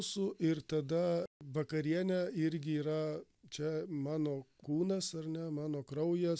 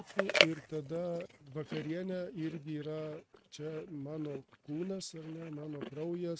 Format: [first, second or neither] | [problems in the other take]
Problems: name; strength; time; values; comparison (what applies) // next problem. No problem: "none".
first | noise reduction (neural mask model RNNoise)